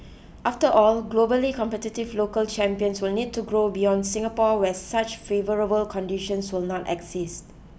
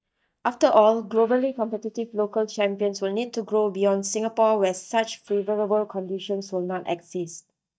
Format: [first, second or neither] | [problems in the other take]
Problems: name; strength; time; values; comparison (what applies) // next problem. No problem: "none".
first | noise reduction (neural mask model DeepFilterNet 3)